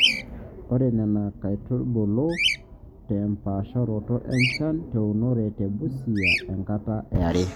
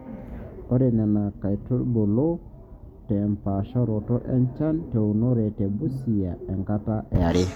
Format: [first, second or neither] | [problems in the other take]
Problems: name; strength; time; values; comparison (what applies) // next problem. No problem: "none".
second | background sound (Bird vocalization, bird call, bird song); 6 dB below the speech